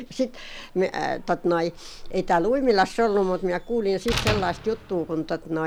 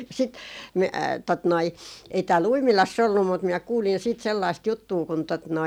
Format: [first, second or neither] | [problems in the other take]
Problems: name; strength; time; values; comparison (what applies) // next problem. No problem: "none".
second | background sound (Slam); 11 dB below the speech